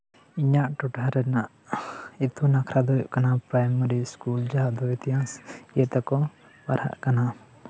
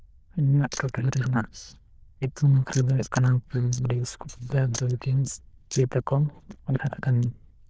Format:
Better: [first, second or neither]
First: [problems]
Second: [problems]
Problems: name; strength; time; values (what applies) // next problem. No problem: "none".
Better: first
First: none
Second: noise reduction (neural diffusion model UNIVERSE++)